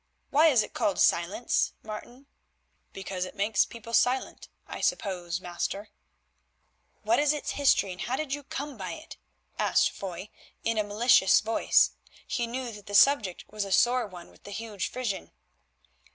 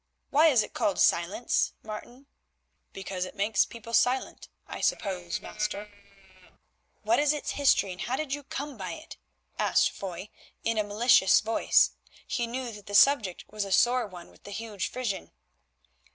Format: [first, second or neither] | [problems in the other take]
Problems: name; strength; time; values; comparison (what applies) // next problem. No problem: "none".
first | noise reduction (neural separator model SepFormer DNS4)